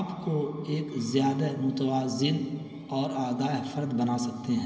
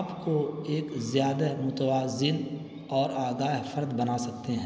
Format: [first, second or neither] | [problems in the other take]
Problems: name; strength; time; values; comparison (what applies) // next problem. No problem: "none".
second | room echo; dies away in 2.7 s